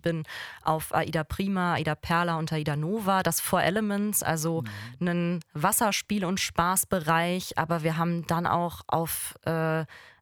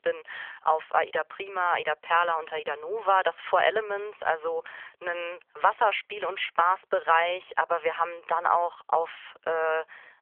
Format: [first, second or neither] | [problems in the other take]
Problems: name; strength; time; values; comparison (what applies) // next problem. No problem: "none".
first | phone-call audio; nothing above 3.5 kHz